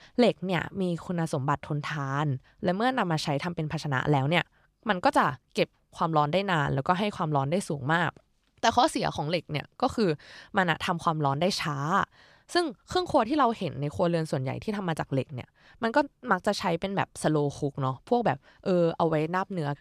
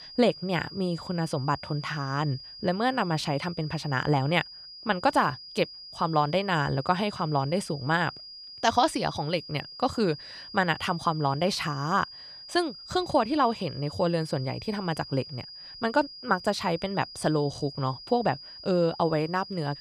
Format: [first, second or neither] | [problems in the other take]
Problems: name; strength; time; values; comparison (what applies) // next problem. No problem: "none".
first | high-pitched whine; noticeable; throughout; 5 kHz, 15 dB below the speech